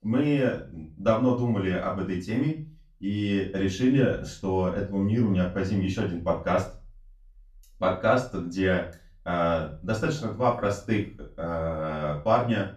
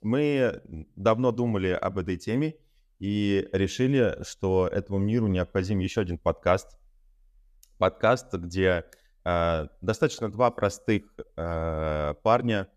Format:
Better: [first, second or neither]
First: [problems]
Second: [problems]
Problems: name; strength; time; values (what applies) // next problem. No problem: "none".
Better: second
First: off-mic speech; far // room echo; slight; dies away in 0.3 s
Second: none